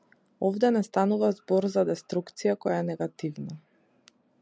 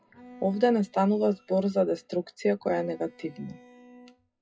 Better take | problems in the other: first | noise reduction (classical method WPE with log-MMSE)

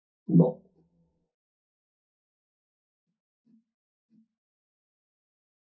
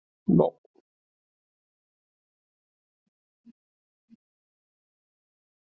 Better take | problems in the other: second | room echo; dies away in 0.3 s

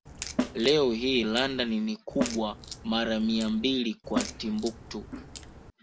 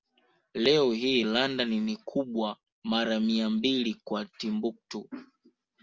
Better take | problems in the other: second | background sound (Snare drum + Crack); 8 dB below the speech

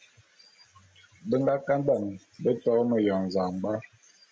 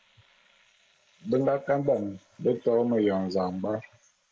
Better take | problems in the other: first | noise reduction (neural mask model Resemble Enhance denoiser)

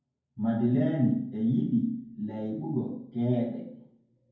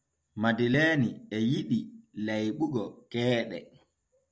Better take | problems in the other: second | room echo; dies away in 0.9 s

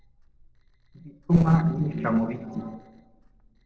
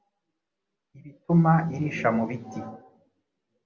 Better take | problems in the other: second | noise reduction (neural separator model SepFormer DNS4)

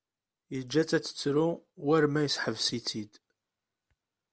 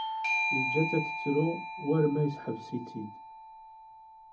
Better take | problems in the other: first | background sound (Bell / Doorbell); 3 dB below the speech // room echo; dies away in 0.3 s

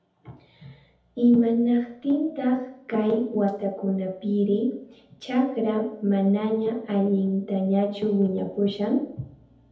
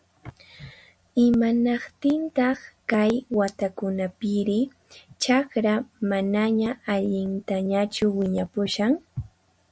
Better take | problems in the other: second | room echo; dies away in 0.7 s

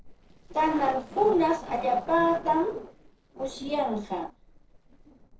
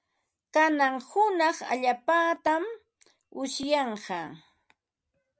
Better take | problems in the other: second | noise reduction (neural separator model SepFormer DNS4)

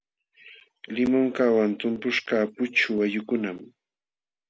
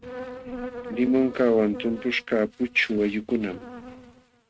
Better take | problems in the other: first | noise reduction (neural mask model RNNoise)

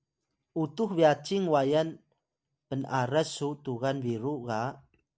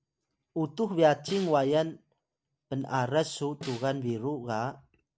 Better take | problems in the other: first | background sound (Snare drum); 19 dB below the speech

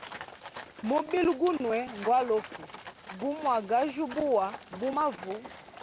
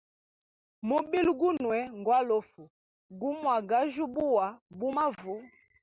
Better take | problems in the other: second | background sound (Livestock, farm animals, working animals); 15 dB below the speech

